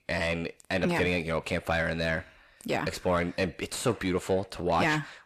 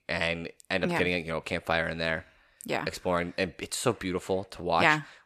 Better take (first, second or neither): second